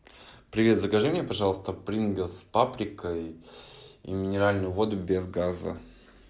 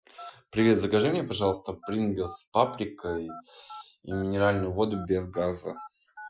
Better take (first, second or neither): first